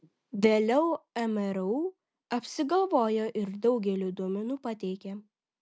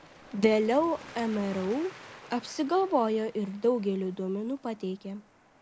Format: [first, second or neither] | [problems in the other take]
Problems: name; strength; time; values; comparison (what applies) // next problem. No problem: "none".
first | background sound (Waves, surf); 20 dB below the speech